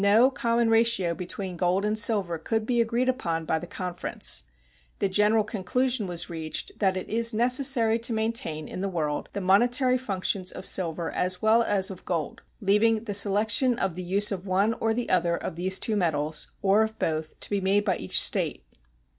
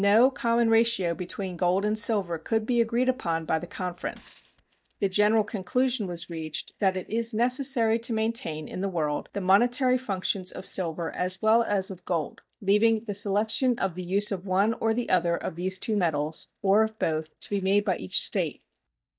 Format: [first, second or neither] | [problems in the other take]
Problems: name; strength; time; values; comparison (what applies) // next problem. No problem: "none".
first | noise reduction (neural mask model DeepFilterNet 3)